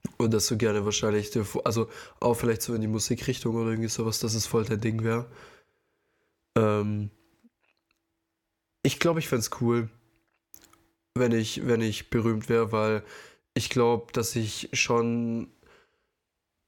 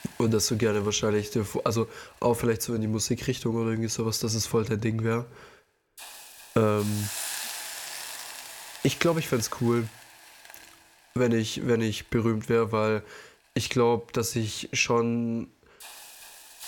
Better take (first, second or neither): first